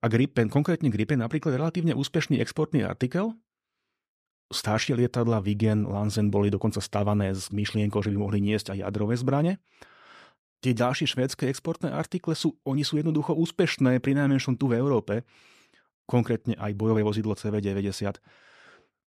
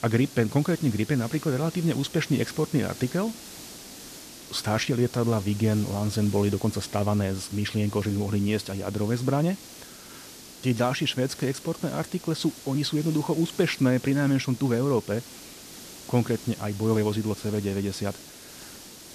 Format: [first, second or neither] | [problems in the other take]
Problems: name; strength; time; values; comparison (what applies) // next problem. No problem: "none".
first | hiss; noticeable; throughout; 15 dB below the speech